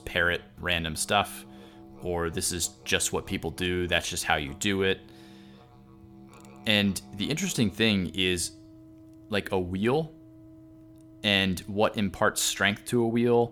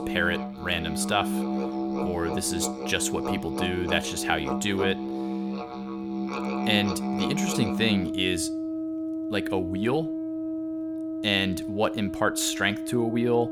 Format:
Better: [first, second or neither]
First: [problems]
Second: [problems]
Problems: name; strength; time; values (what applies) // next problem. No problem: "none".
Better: first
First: background music; faint; throughout; 25 dB below the speech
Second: background music; loud; throughout; 4 dB below the speech